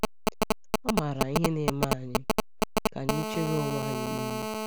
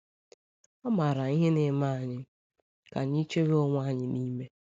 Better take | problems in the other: second | background sound (Telephone); 3 dB above the speech

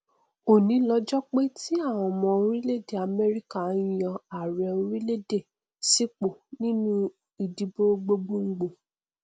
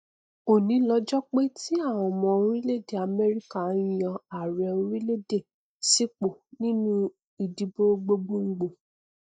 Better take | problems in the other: first | noise reduction (neural mask model DeepFilterNet 3)

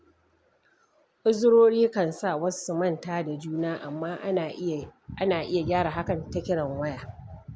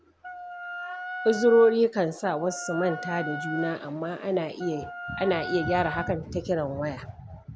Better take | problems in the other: first | background sound (Wind instrument, woodwind instrument); 10 dB below the speech

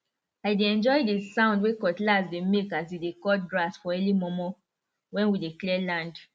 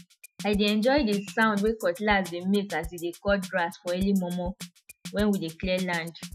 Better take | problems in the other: first | noise reduction (classical method Wiener filter)

